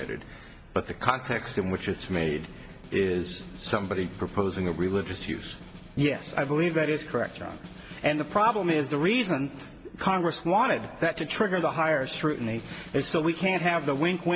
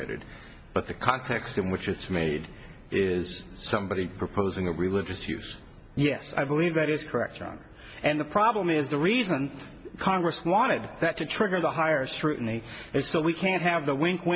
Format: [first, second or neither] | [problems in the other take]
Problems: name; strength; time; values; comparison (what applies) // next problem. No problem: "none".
second | background sound (Snare drum); 19 dB below the speech